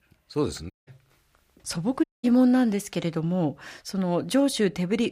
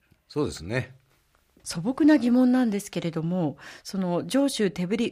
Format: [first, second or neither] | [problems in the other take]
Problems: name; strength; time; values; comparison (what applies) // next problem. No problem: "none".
second | audio cutting out; at 0.5 s and at 2 s